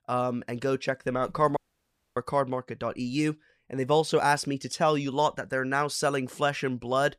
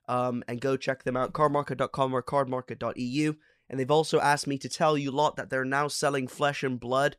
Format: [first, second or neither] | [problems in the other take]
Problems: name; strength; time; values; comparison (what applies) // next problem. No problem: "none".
second | audio cutting out; at 1.5 s for 0.5 s